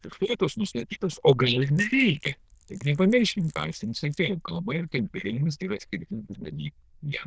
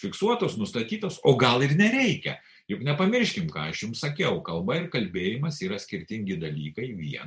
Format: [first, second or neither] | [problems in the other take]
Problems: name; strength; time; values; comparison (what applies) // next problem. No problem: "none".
second | noise reduction (neural diffusion model UNIVERSE++)